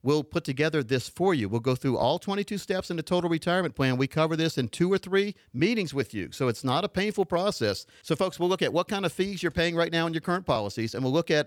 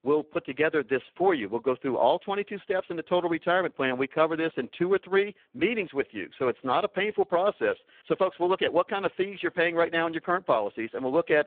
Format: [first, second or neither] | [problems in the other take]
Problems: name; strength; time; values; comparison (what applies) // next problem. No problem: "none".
first | phone-call audio; poor line